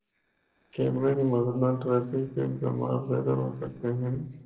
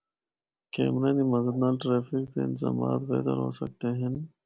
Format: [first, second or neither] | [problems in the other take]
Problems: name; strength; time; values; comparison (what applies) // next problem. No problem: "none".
second | noise reduction (neural separator model SepFormer DNS4)